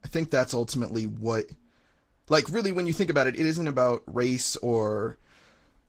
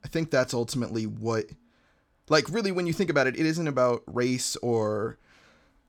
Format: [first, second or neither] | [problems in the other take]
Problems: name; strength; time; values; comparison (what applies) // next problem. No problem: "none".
second | garbled, watery; slightly